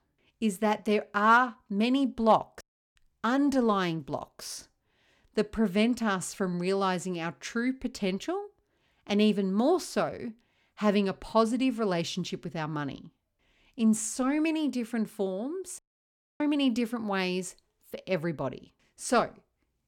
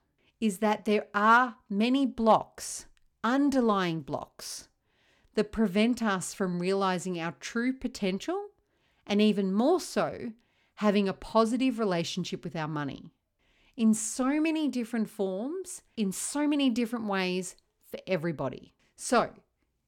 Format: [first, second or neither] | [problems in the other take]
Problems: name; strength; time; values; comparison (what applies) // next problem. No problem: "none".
second | audio cutting out; at 2.5 s and at 16 s for 0.5 s